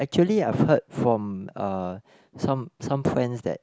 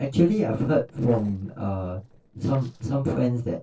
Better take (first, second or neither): first